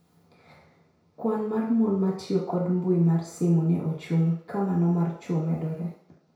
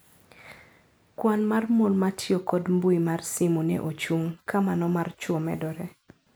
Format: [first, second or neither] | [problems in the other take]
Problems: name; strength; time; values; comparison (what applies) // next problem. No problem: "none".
second | room echo; dies away in 0.6 s